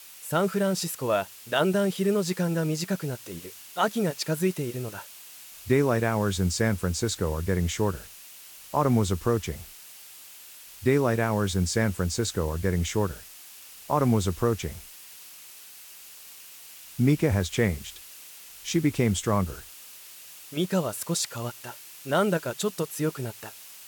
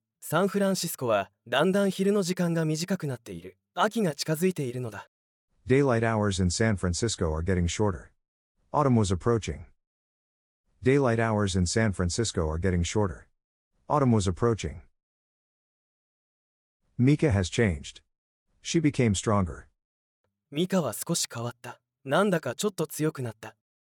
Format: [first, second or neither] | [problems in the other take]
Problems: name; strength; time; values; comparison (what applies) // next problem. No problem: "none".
second | hiss; noticeable; throughout; 15 dB below the speech